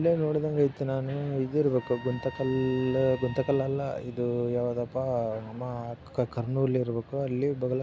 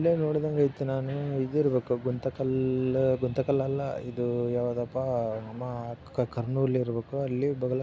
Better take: second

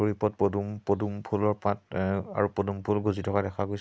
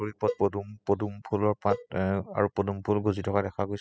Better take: first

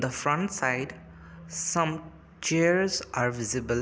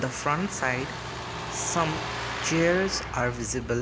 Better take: first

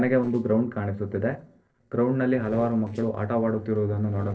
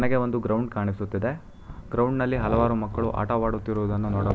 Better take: second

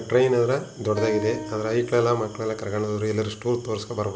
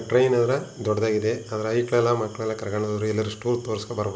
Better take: second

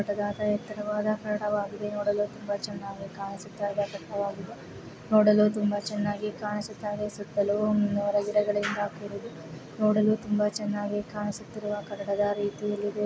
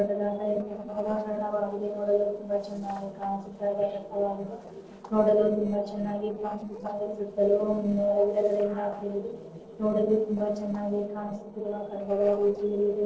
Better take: first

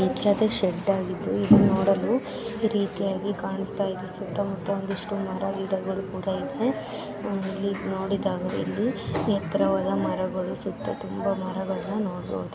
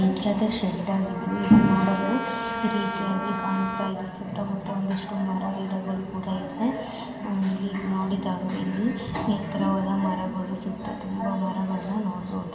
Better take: first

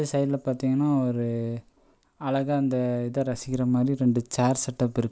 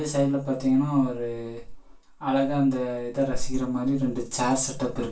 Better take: first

